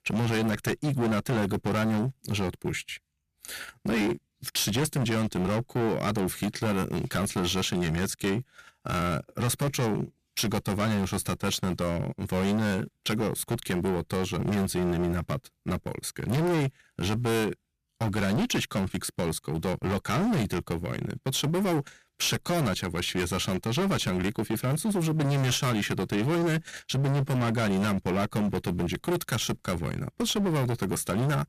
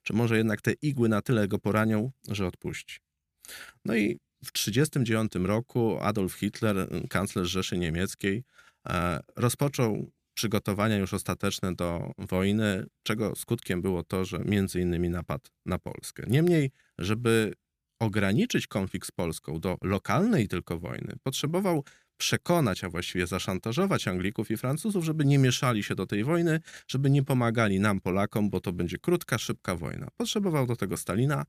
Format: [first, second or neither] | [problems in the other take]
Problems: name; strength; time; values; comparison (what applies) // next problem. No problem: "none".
second | distortion; heavy; 21% of the sound clipped